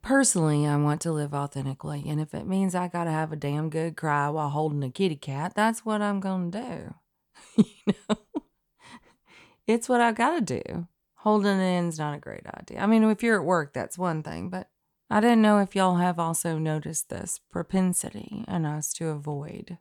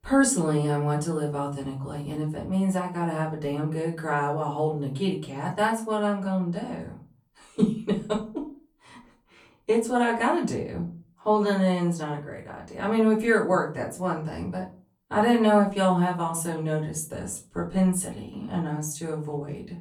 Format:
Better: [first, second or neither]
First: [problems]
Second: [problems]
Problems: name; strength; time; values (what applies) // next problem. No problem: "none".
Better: first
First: none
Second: off-mic speech; far // room echo; very slight; dies away in 0.3 s